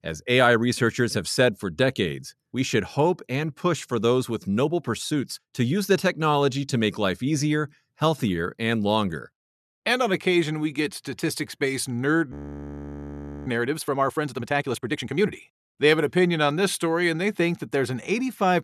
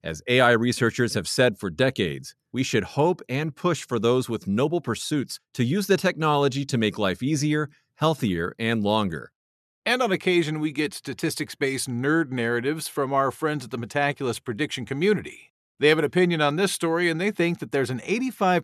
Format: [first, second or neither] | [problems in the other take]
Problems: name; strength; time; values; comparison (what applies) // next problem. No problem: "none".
second | audio freezing; at 12 s for 1 s